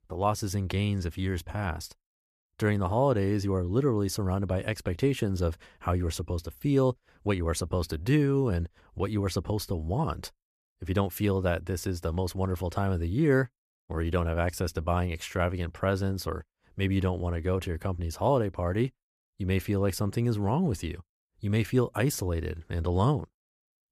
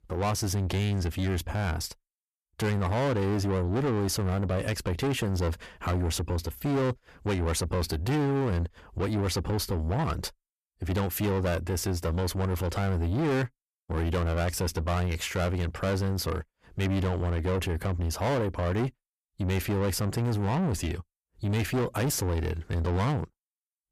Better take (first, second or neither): first